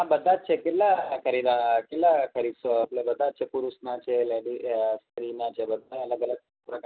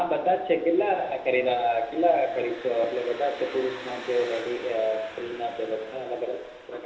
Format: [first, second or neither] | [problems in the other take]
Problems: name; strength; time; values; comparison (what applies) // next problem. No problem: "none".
first | background sound (Engine); 16 dB below the speech // room echo; dies away in 0.8 s